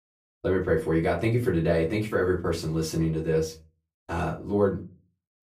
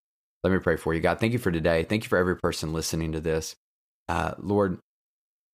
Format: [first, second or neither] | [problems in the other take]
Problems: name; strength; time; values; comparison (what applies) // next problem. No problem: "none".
second | off-mic speech; far // room echo; very slight; dies away in 0.3 s